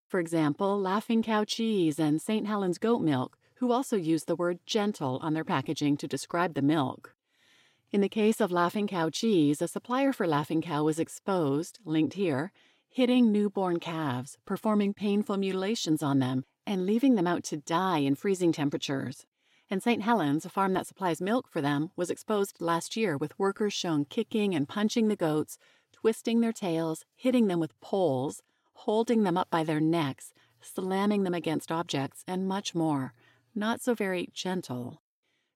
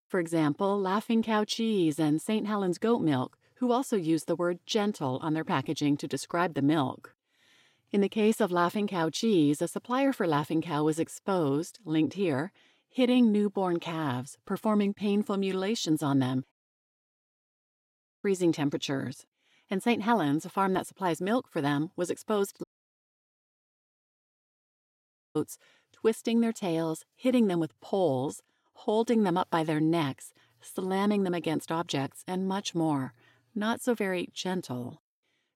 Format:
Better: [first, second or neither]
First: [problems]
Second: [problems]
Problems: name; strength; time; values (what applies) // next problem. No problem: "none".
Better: first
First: none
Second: audio cutting out; at 17 s for 1.5 s and at 23 s for 2.5 s